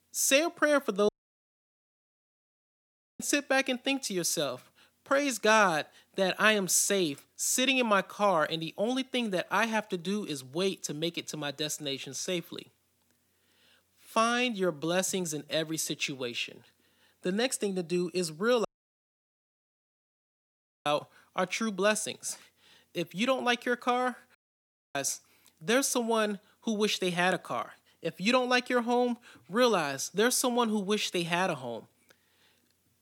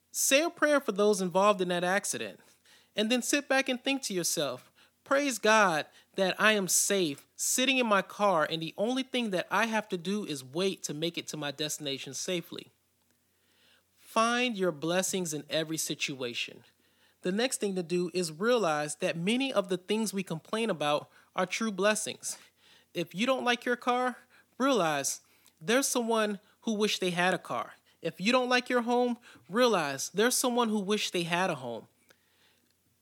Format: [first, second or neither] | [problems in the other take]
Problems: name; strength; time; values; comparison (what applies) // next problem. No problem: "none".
second | audio cutting out; at 1 s for 2 s, at 19 s for 2 s and at 24 s for 0.5 s